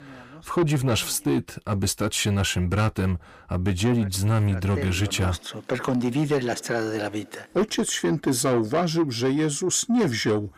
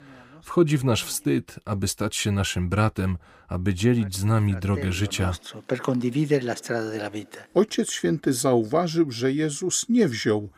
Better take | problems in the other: second | distortion; slight; 10 dB below the speech

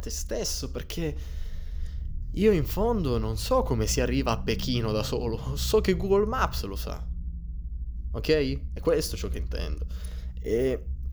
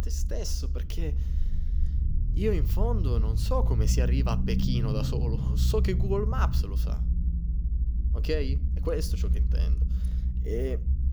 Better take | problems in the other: first | low rumble; loud; throughout; 9 dB below the speech; faint in the first

